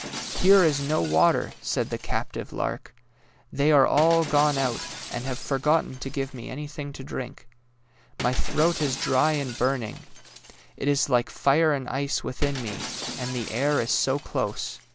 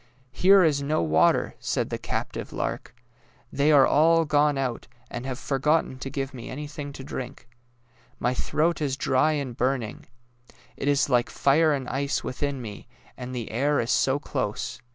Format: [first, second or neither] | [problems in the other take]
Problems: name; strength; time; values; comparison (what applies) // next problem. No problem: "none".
second | background sound (Shatter); 13 dB below the speech